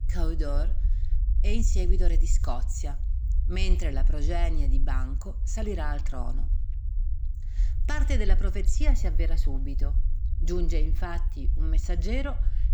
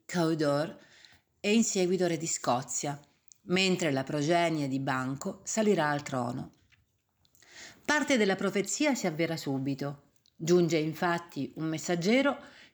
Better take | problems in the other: second | low rumble; noticeable; throughout; 15 dB below the speech

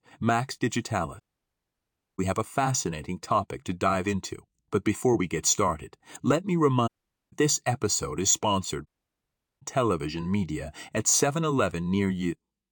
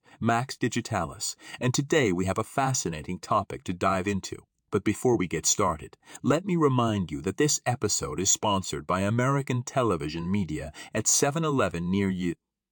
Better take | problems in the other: second | audio cutting out; at 1 s for 1 s, at 7 s and at 9 s for 1 s

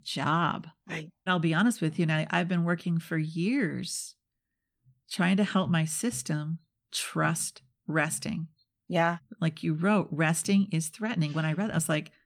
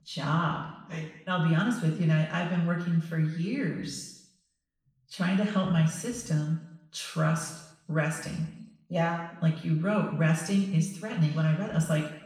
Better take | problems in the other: first | room echo; noticeable; dies away in 0.7 s // off-mic speech; far

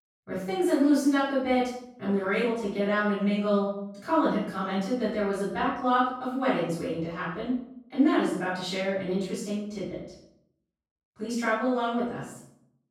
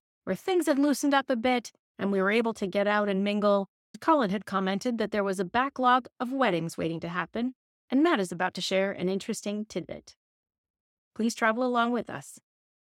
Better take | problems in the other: second | room echo; noticeable; dies away in 0.6 s // off-mic speech; far

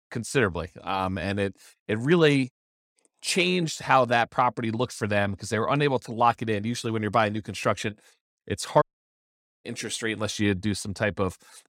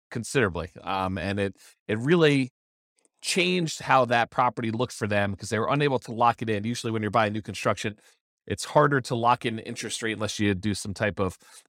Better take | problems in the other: second | audio cutting out; at 9 s for 1 s

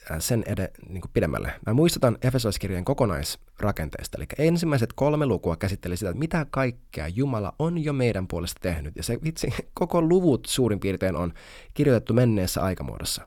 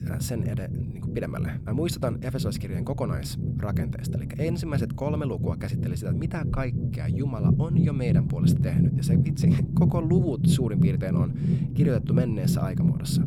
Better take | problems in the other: first | low rumble; loud; throughout; as loud as the speech

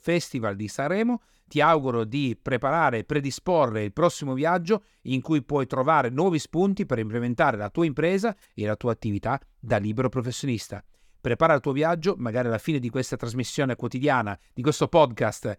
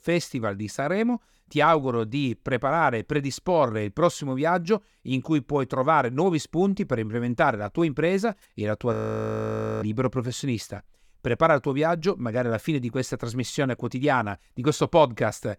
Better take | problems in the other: first | audio freezing; at 9 s for 1 s

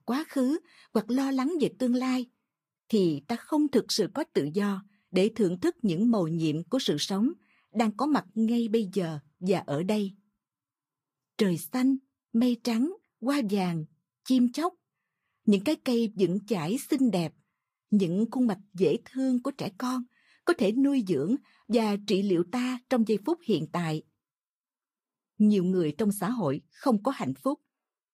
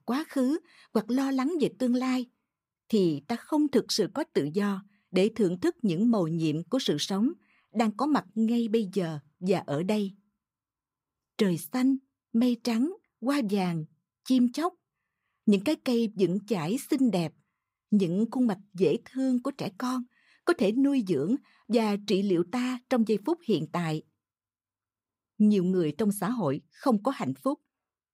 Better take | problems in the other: second | garbled, watery; slightly; nothing above 15.5 kHz

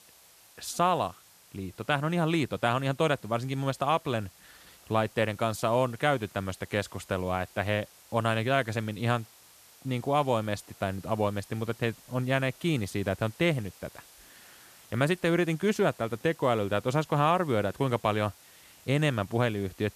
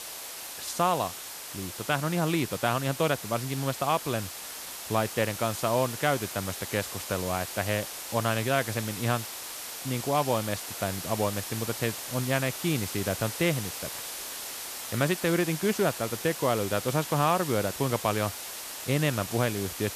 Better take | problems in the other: first | hiss; loud; throughout; 7 dB below the speech; faint in the first

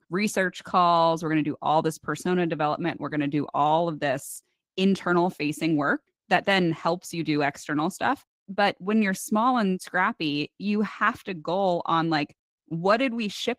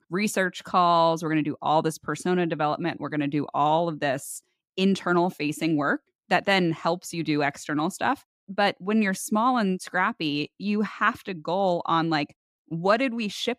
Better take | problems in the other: second | garbled, watery; slightly; nothing above 15.5 kHz

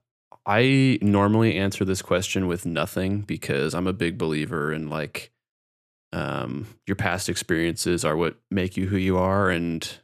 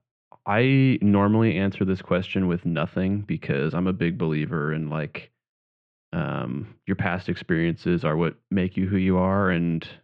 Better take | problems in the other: first | muffled; very; fading above 3 kHz

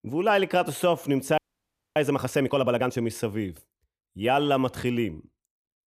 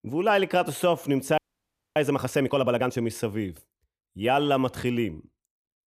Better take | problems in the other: neither | audio freezing; at 1.5 s for 0.5 s; the same in both

